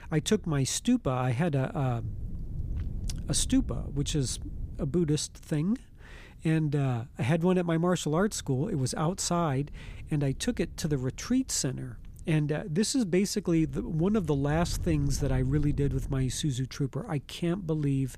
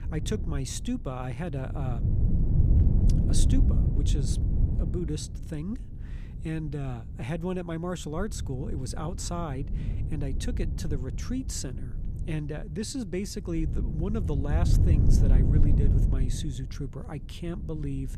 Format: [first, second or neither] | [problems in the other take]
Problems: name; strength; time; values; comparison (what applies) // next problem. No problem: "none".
first | wind noise on the microphone; heavy; 4 dB below the speech; occasional gusts in the first